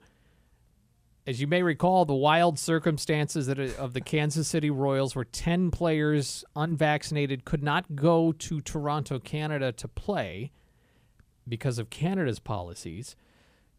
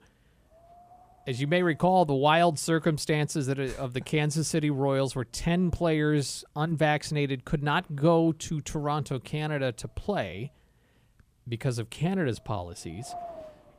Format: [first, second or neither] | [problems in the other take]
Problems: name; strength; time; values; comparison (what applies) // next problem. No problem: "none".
first | wind noise on the microphone; occasional gusts; 20 dB below the speech